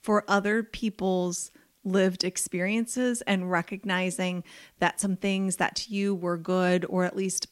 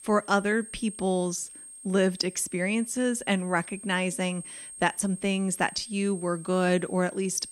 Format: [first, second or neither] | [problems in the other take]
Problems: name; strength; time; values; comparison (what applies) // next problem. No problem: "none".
first | high-pitched whine; noticeable; throughout; 8.5 kHz, 15 dB below the speech